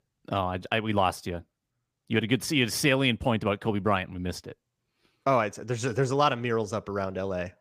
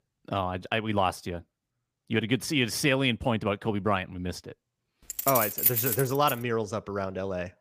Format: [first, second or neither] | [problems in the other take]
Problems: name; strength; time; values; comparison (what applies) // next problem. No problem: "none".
first | jangling keys; loud; from 5 to 6.5 s; peak 5 dB above the speech